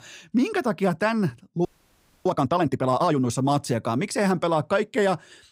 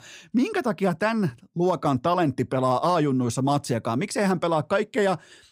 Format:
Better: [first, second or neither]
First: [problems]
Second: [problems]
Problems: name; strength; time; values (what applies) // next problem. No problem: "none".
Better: second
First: audio freezing; at 1.5 s for 0.5 s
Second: none